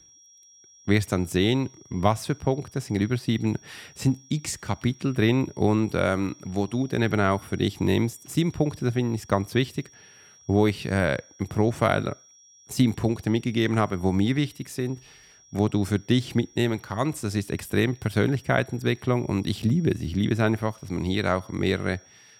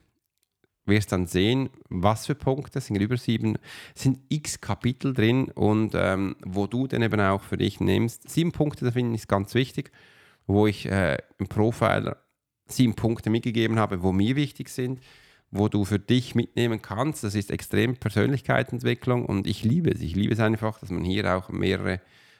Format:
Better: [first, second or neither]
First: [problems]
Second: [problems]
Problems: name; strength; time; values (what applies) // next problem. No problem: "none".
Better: second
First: high-pitched whine; faint; throughout; 5.5 kHz, 25 dB below the speech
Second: none